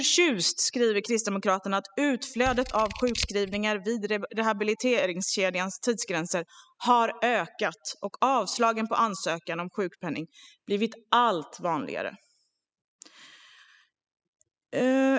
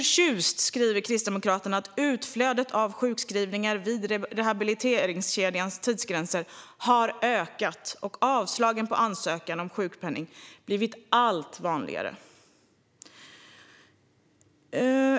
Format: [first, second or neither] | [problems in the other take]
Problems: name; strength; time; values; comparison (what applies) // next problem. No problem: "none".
second | noise reduction (classical method spectral subtraction)